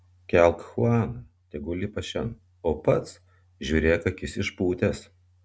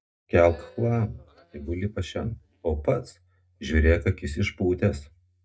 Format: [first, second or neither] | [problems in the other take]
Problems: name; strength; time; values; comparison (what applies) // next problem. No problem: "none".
first | noise reduction (neural mask model DeepFilterNet 3)